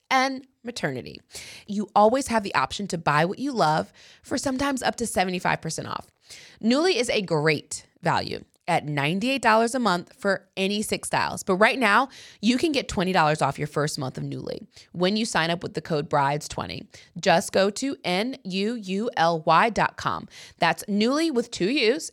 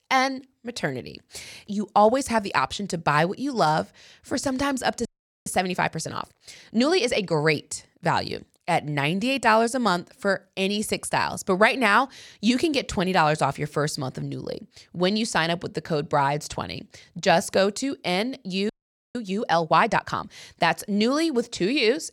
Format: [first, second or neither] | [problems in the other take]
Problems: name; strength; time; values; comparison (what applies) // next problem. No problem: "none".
first | audio freezing; at 5 s and at 19 s